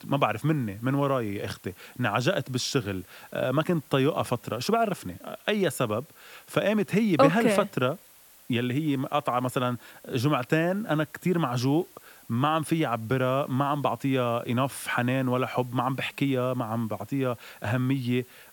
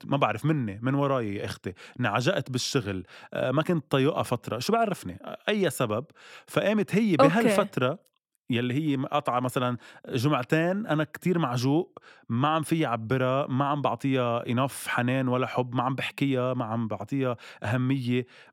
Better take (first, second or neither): second